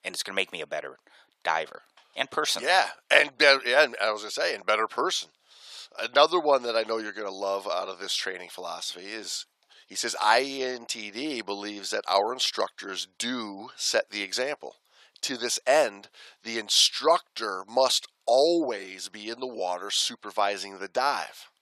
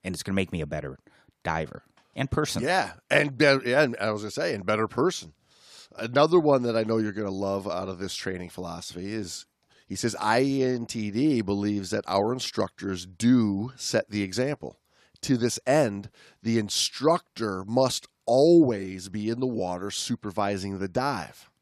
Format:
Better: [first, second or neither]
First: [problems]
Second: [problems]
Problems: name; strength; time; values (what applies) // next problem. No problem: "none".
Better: second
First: thin; very; fading below 700 Hz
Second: none